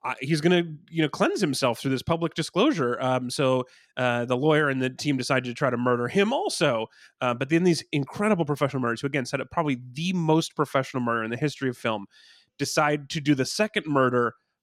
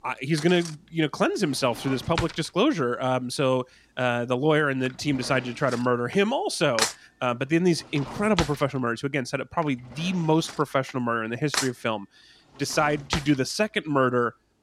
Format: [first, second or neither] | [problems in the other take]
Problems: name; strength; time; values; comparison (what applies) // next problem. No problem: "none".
first | household noises; loud; throughout; 8 dB below the speech